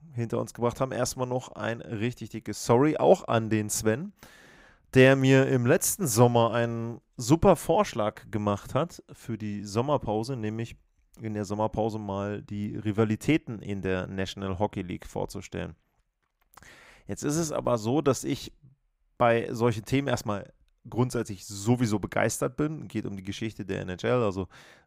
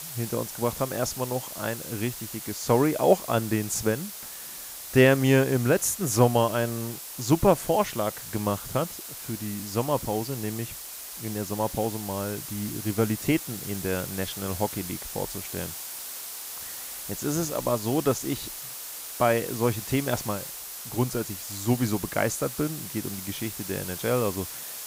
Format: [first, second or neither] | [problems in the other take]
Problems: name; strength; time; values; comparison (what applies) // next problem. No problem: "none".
first | hiss; loud; throughout; 8 dB below the speech